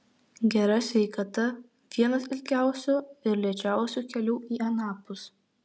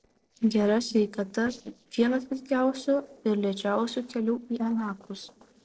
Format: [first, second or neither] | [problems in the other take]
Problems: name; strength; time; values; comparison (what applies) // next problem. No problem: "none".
first | noise reduction (neural separator model SepFormer DNS4)